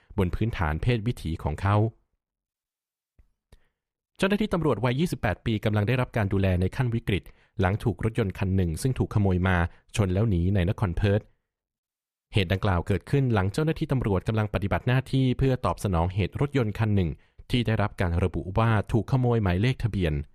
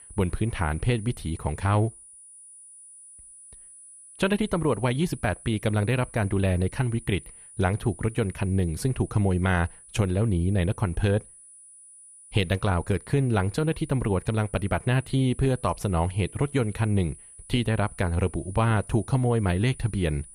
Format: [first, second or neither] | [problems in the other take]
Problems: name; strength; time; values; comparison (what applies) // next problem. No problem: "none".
first | high-pitched whine; noticeable; throughout; 9.5 kHz, 20 dB below the speech